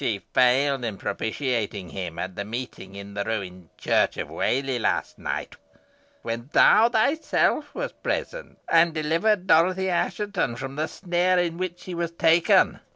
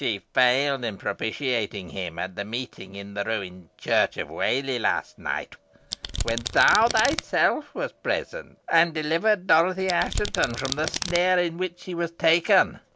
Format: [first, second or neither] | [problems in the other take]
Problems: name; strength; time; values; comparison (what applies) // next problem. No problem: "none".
first | background sound (Domestic sounds, home sounds); 6 dB below the speech